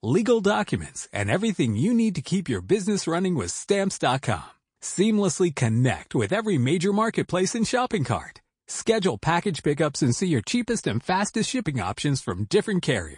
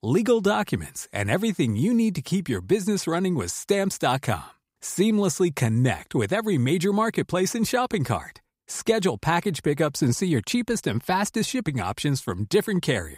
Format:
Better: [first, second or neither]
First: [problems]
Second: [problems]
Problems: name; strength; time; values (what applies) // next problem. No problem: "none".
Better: second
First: garbled, watery; slightly; nothing above 8.5 kHz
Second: none